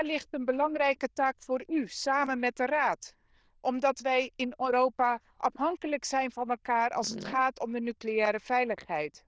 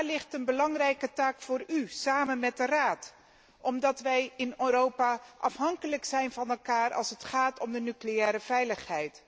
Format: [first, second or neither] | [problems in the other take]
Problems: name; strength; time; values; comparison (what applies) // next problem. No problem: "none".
second | noise reduction (neural diffusion model UNIVERSE++)